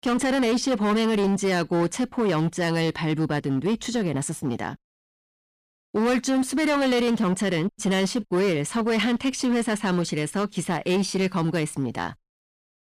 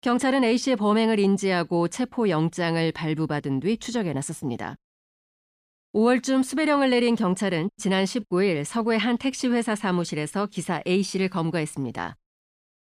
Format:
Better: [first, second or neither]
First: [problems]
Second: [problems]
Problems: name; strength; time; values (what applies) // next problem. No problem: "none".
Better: second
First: distortion; slight; 15% of the sound clipped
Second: none